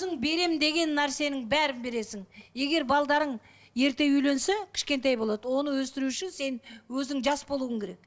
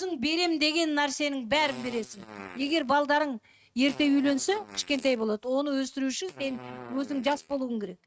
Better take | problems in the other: first | noise reduction (neural mask model RNNoise)

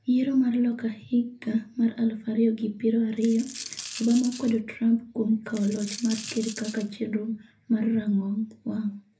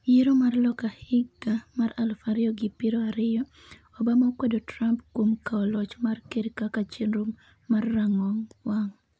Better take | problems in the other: second | background sound (Coin (dropping)); 13 dB below the speech // room echo; dies away in 0.3 s

